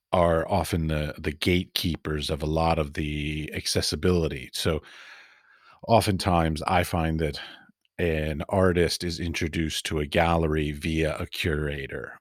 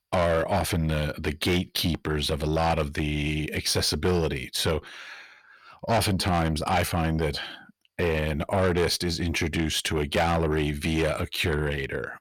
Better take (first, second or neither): first